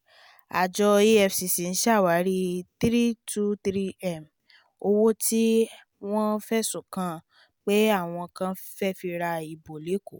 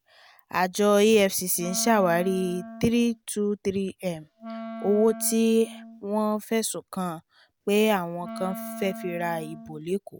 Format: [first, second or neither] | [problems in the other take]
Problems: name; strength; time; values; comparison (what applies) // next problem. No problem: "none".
first | background sound (Wind instrument, woodwind instrument); 14 dB below the speech